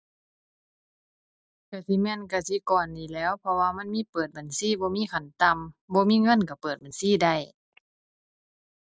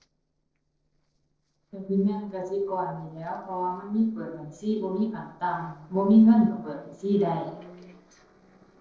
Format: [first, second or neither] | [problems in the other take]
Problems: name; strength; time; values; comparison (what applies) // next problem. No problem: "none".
first | noise reduction (neural separator model SepFormer DNS4)